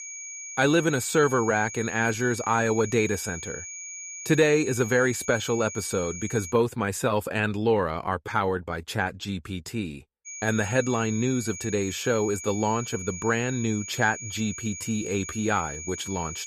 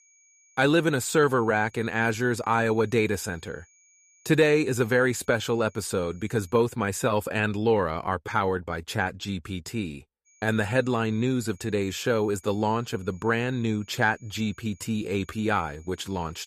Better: second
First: high-pitched whine; loud; until 6.5 s and from 10 s on; 6.5 kHz, 10 dB below the speech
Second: high-pitched whine; faint; until 6.5 s and from 10 s on; 6.5 kHz, 30 dB below the speech

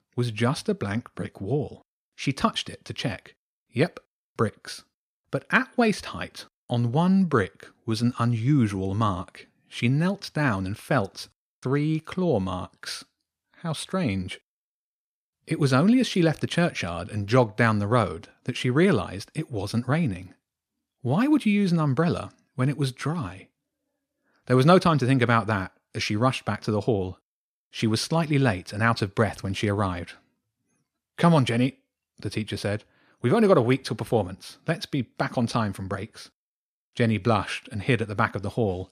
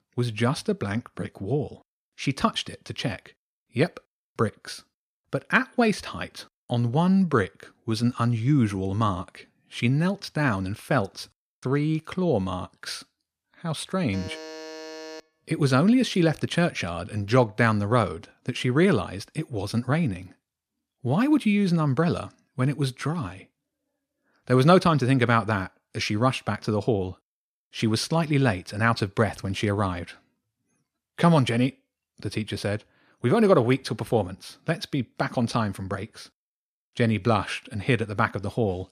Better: first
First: none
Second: alarm; faint; from 14 to 15 s; peak 15 dB below the speech

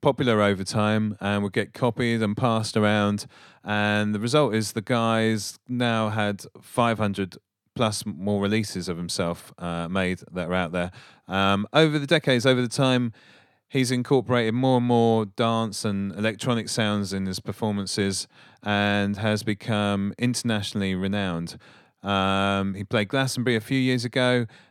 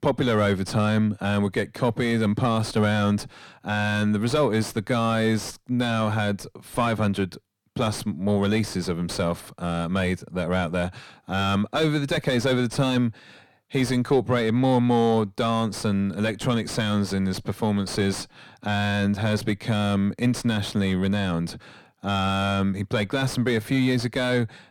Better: first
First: none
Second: distortion; heavy; 7 dB below the speech

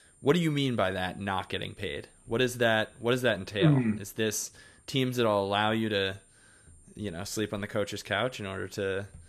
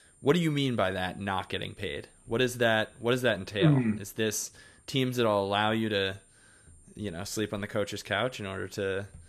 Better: neither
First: high-pitched whine; faint; throughout; 9 kHz, 30 dB below the speech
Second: high-pitched whine; faint; throughout; 9 kHz, 30 dB below the speech

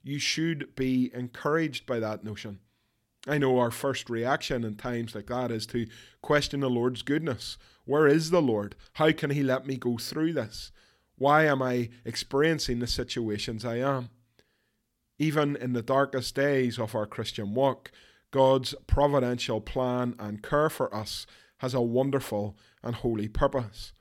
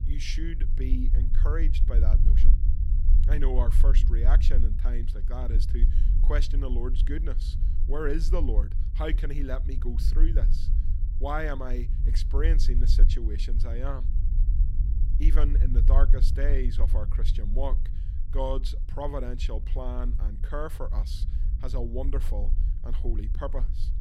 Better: first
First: none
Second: low rumble; noticeable; throughout; 10 dB below the speech

